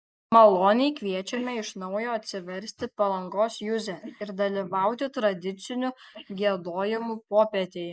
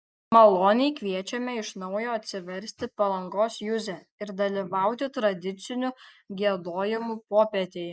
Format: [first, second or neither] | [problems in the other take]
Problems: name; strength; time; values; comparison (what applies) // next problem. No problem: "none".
second | noise reduction (neural mask model Resemble Enhance denoiser)